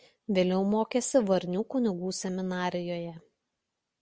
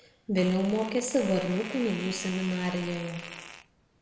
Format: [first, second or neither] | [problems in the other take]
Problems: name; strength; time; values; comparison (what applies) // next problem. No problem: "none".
first | background sound (Fart); 13 dB below the speech // room echo; dies away in 1 s